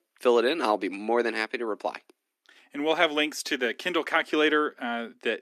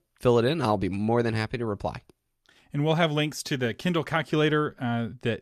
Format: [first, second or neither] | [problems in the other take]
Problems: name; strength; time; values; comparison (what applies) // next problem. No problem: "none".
second | thin; somewhat; fading below 250 Hz